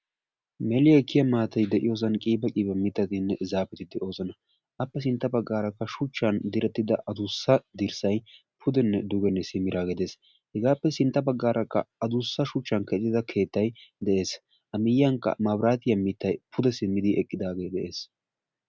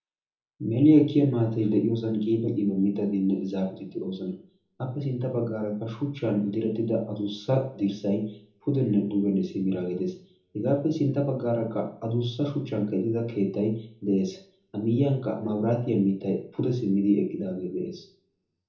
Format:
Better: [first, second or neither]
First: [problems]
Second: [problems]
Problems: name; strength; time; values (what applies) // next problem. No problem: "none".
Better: first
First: none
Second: room echo; dies away in 1 s